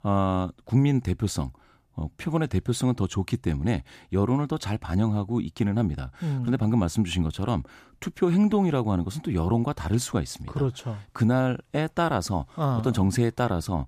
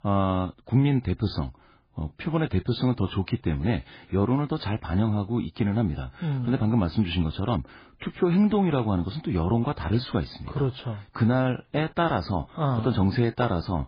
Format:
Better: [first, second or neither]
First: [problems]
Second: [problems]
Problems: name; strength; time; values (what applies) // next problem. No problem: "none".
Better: first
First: none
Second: garbled, watery; badly; nothing above 4 kHz